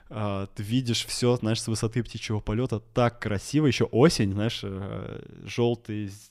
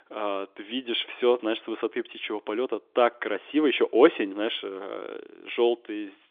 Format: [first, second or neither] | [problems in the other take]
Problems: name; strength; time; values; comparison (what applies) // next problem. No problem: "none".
first | phone-call audio; nothing above 3.5 kHz